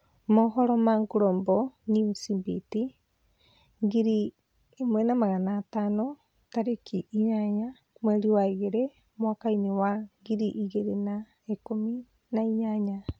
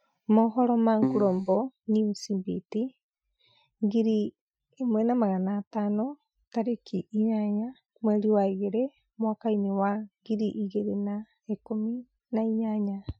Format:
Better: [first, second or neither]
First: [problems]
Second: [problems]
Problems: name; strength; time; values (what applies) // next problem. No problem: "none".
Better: first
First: none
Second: noise reduction (classical method Wiener filter)